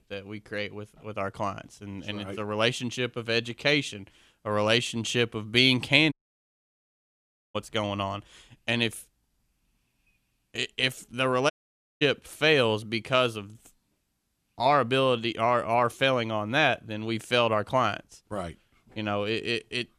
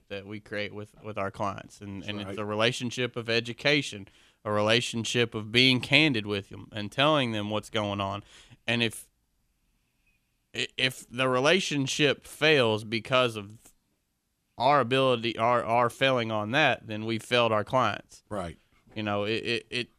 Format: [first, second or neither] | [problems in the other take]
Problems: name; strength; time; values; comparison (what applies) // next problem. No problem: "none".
second | audio cutting out; at 6 s for 1.5 s and at 12 s for 0.5 s